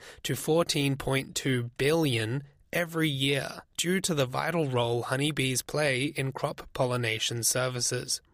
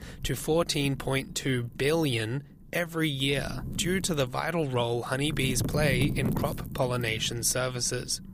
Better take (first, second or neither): first